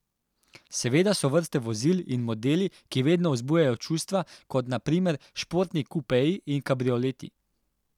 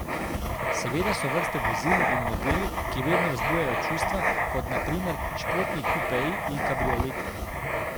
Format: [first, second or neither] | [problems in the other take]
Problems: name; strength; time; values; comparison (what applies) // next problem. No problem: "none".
first | background sound (Writing); 5 dB above the speech